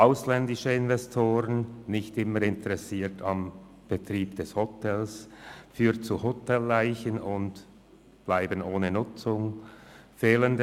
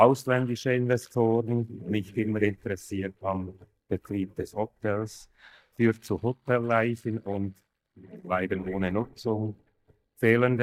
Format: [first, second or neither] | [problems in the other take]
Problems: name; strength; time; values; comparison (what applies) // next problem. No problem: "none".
first | noise reduction (neural mask model DeepFilterNet 3)